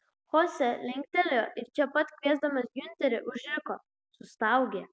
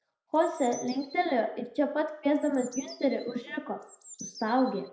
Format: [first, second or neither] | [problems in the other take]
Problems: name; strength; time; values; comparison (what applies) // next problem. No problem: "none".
first | background sound (Bird); 18 dB below the speech // room echo; dies away in 0.5 s